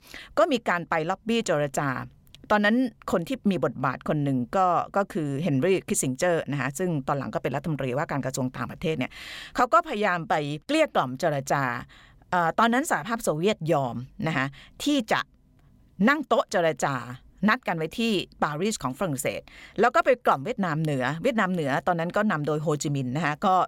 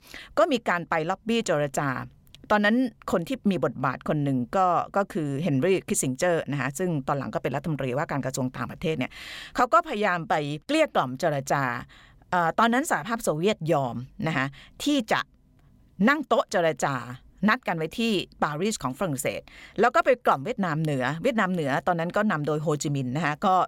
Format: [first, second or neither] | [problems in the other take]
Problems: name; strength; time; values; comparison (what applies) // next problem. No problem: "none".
neither | none